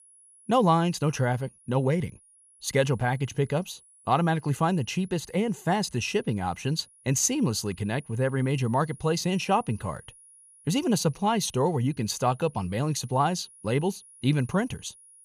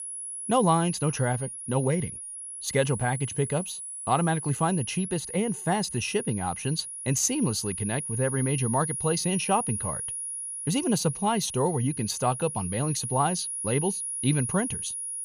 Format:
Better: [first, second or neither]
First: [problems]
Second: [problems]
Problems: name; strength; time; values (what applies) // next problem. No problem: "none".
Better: first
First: high-pitched whine; faint; throughout; 10.5 kHz, 25 dB below the speech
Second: high-pitched whine; loud; throughout; 10.5 kHz, 5 dB below the speech